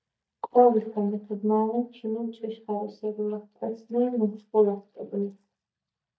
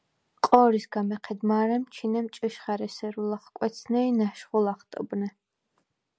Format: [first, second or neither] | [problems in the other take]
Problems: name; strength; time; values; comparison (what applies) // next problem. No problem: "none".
second | noise reduction (neural mask model DeepFilterNet 3)